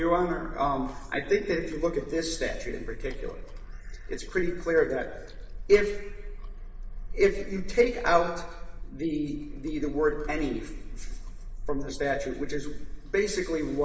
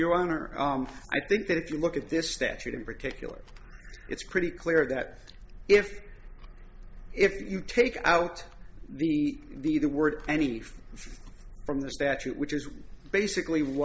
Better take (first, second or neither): second